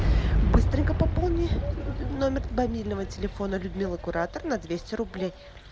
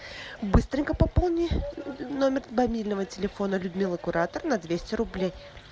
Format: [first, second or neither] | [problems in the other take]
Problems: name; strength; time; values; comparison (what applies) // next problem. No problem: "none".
second | background sound (Boom); 1 dB above the speech